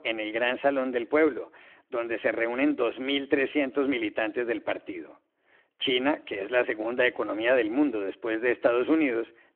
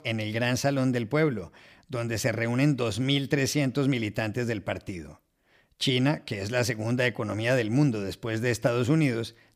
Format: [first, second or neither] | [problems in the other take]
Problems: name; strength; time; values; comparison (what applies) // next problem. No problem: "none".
second | phone-call audio; nothing above 3.5 kHz